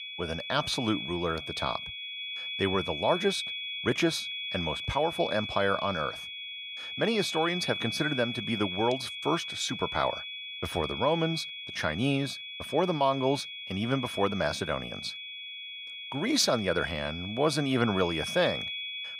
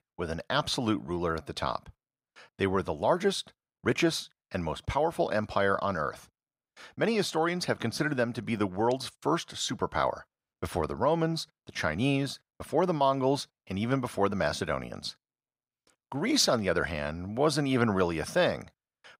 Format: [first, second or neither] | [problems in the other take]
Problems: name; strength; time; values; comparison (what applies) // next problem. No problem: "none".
second | high-pitched whine; loud; throughout; 3.5 kHz, 5 dB below the speech